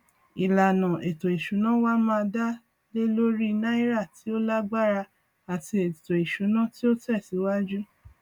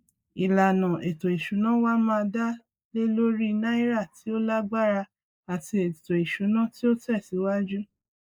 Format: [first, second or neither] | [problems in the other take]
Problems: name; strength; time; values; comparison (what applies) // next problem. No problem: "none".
first | noise reduction (neural mask model Resemble Enhance denoiser)